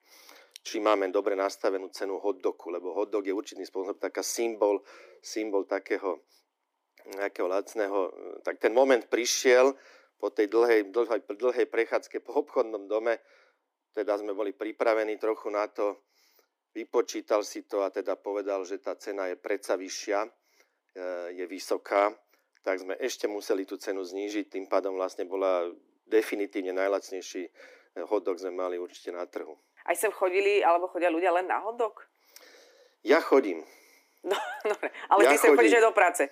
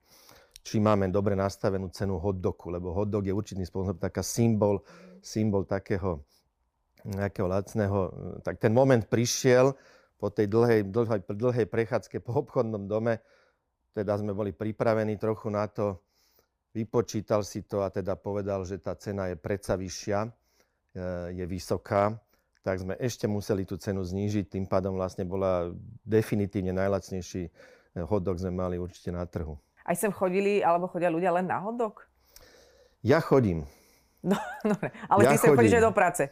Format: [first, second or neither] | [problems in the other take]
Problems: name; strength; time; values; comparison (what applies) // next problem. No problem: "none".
second | thin; somewhat; fading below 300 Hz